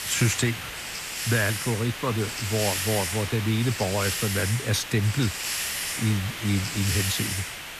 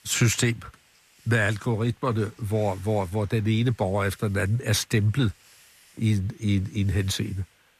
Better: second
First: hiss; loud; throughout; 3 dB below the speech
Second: hiss; faint; throughout; 30 dB below the speech

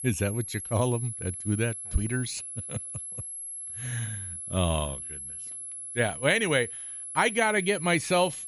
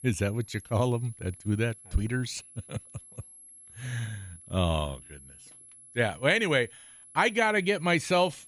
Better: second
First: high-pitched whine; loud; throughout; 11 kHz, 7 dB below the speech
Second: high-pitched whine; faint; throughout; 11 kHz, 20 dB below the speech

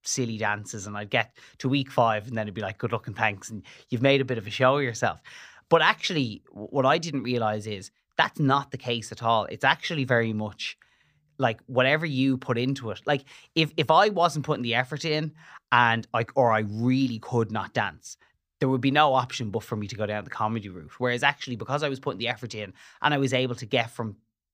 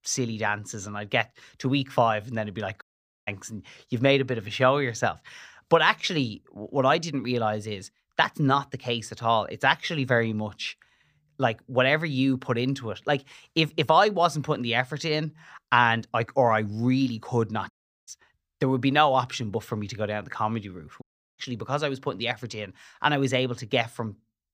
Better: first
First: none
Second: audio cutting out; at 3 s, at 18 s and at 21 s

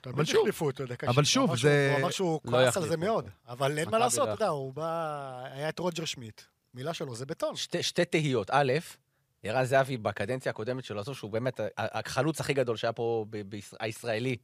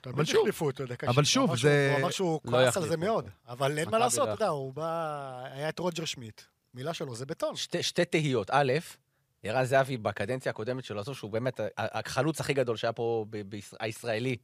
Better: neither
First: none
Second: none

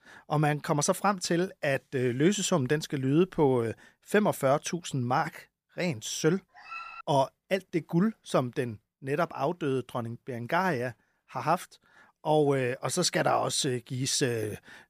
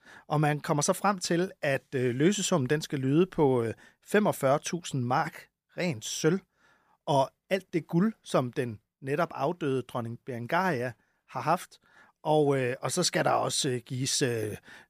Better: second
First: dog barking; faint; at 6.5 s; peak 10 dB below the speech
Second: none

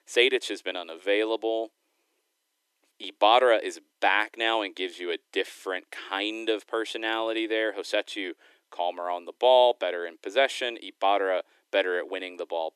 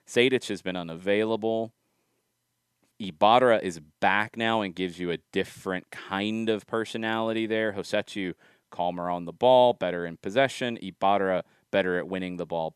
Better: second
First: thin; somewhat; fading below 300 Hz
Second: none

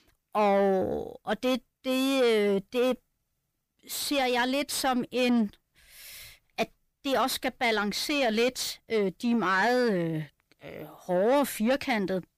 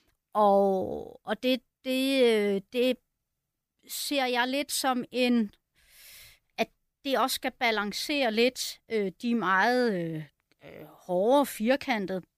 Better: second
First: distortion; slight; 10 dB below the speech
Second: none

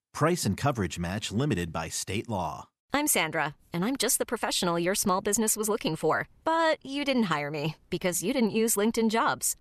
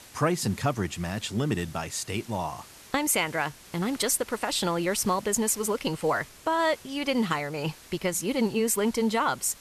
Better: first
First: none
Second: hiss; faint; throughout; 20 dB below the speech

